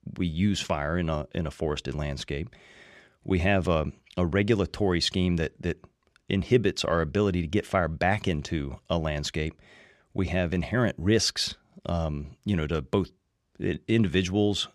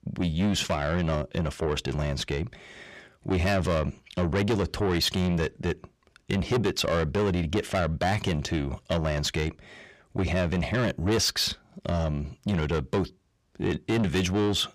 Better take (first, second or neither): first